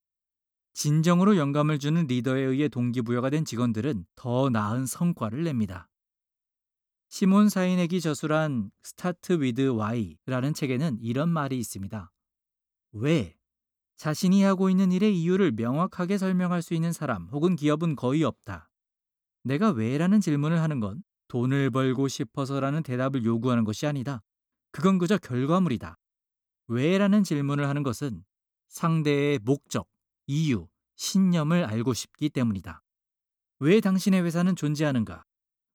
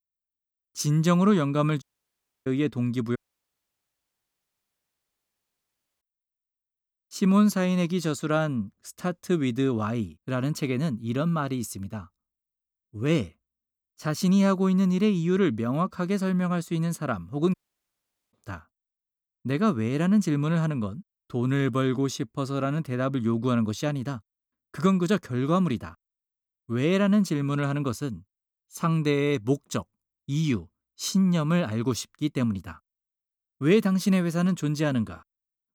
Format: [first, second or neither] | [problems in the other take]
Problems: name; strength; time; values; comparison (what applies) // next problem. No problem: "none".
first | audio cutting out; at 2 s for 0.5 s, at 3 s for 3 s and at 18 s for 1 s